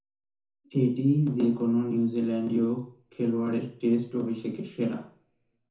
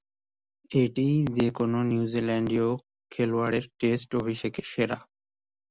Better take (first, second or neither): second